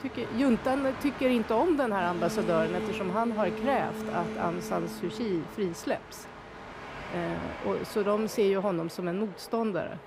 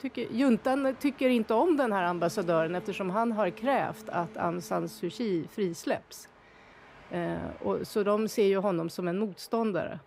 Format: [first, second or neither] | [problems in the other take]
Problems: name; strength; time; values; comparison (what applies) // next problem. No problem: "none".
second | train or aircraft noise; loud; throughout; 9 dB below the speech; faint in the second